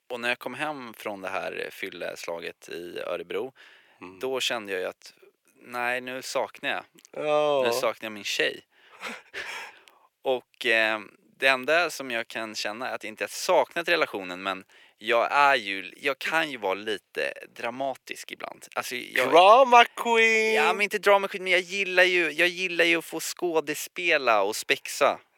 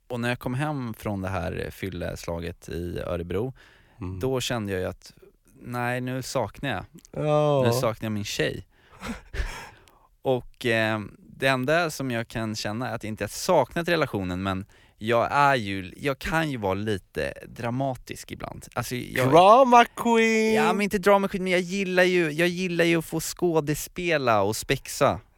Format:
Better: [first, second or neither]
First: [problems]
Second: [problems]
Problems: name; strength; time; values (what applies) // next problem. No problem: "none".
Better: second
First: thin; somewhat; fading below 450 Hz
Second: none